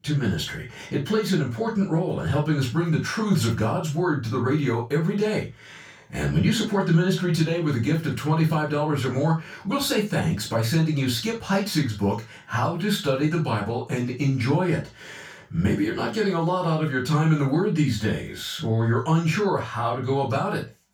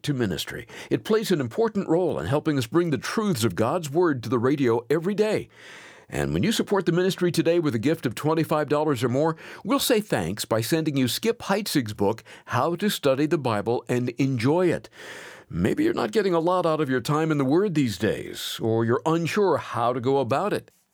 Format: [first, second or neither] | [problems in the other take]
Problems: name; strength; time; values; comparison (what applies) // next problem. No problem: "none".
second | room echo; noticeable; dies away in 0.2 s // off-mic speech; far